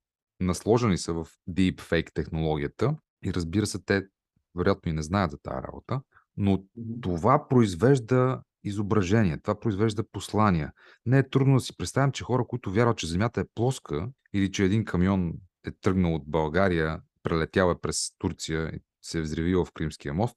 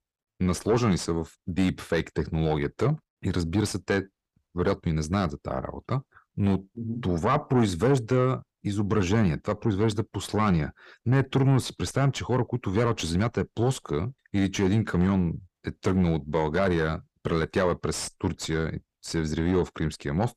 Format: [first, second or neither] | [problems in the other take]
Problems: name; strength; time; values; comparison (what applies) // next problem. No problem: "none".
first | distortion; slight; 10 dB below the speech